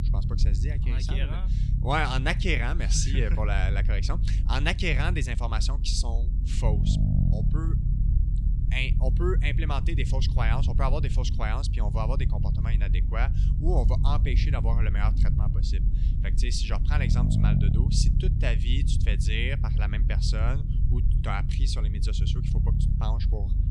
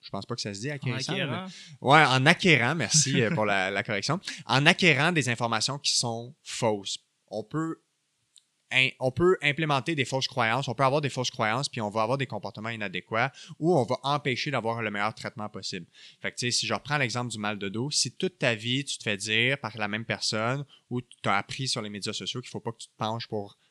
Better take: second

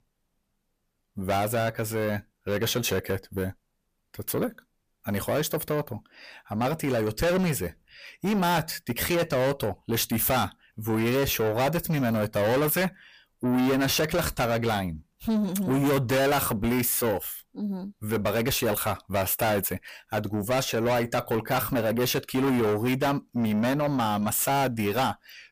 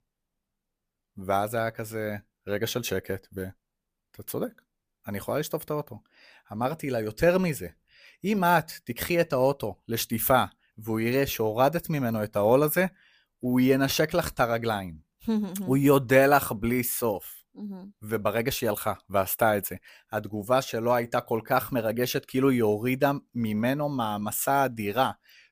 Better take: second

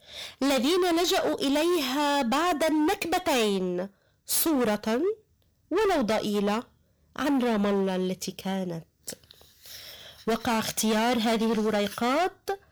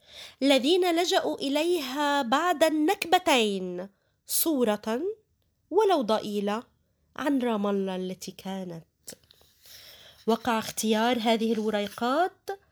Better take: second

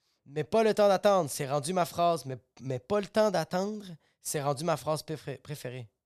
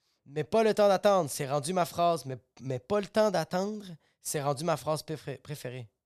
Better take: neither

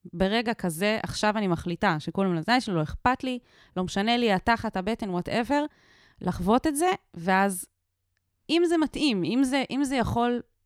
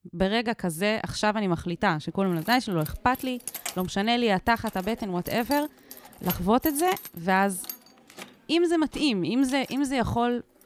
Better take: first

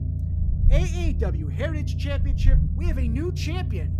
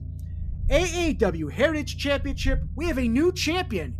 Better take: second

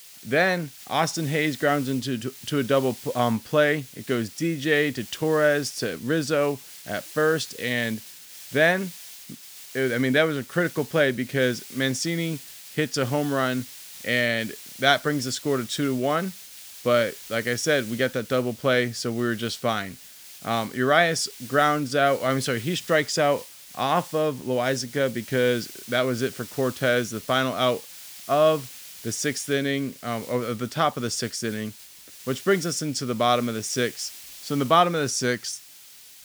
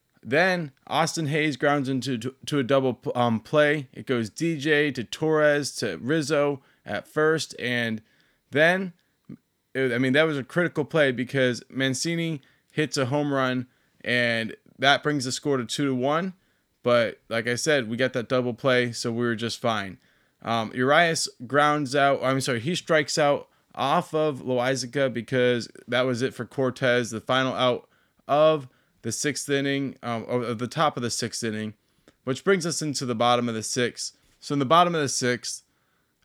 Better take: second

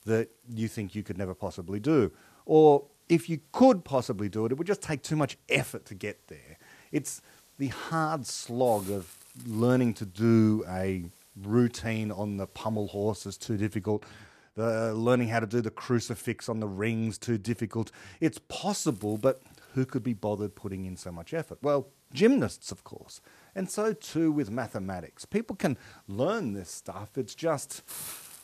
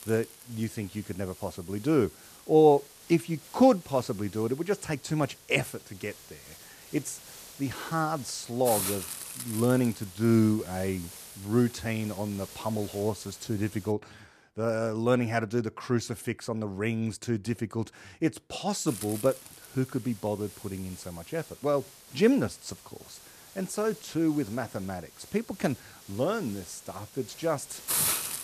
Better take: first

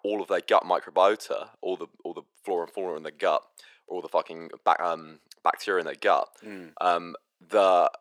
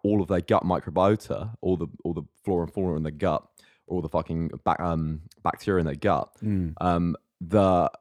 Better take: second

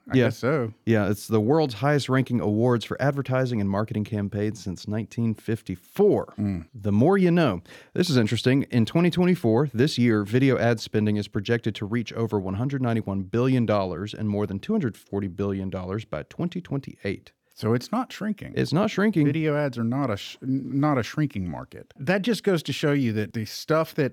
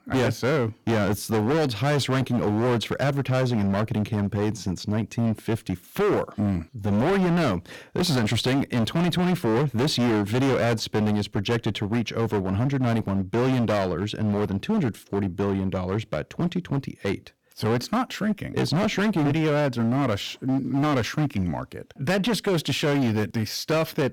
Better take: first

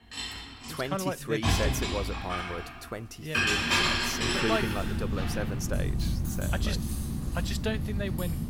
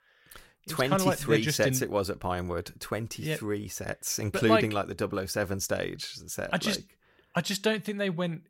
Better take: second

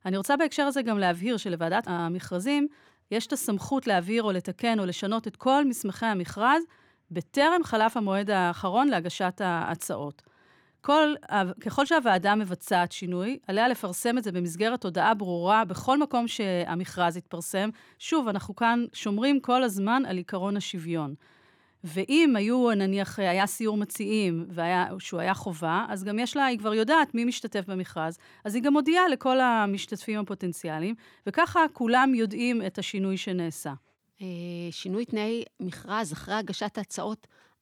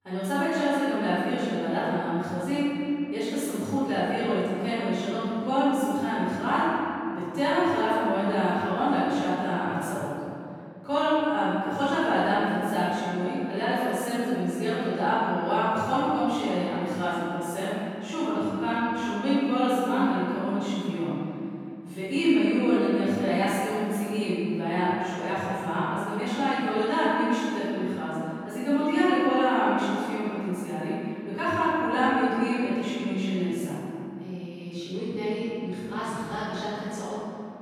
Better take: first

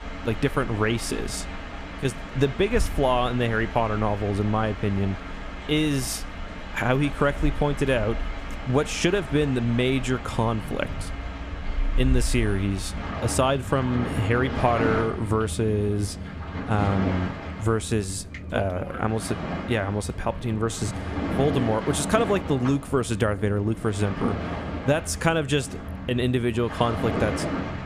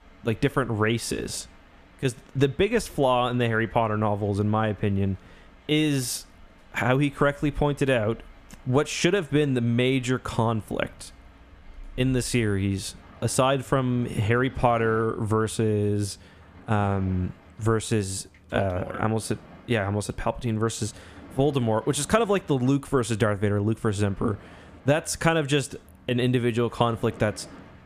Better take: second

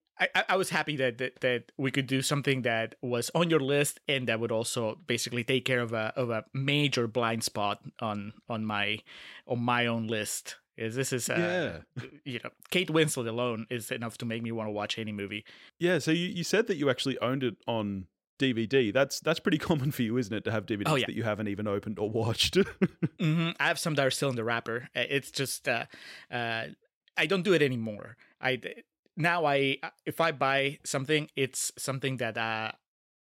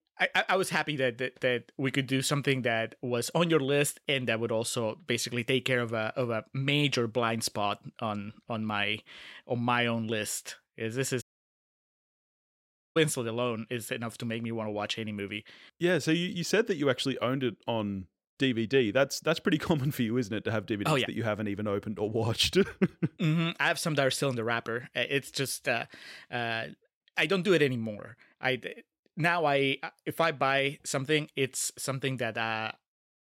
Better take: first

